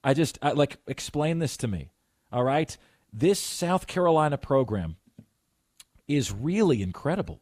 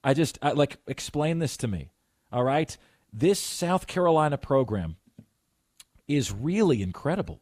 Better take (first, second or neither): neither